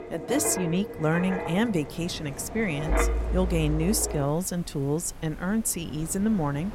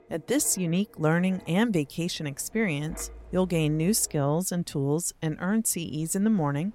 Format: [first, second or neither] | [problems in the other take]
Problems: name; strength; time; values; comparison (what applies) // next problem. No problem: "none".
second | wind in the background; loud; throughout; 6 dB below the speech; faint in the second